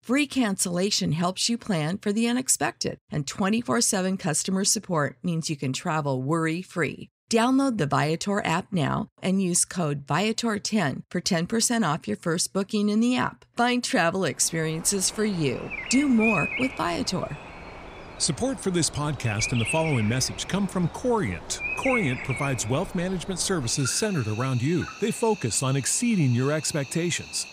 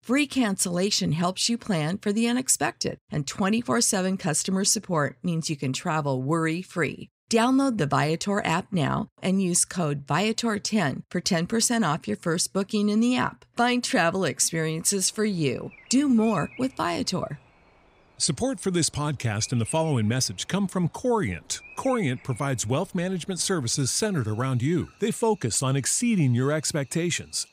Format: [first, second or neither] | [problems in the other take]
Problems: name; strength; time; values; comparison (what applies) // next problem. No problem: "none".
second | animal sounds; loud; from 15 s on; 9 dB below the speech; faint in the second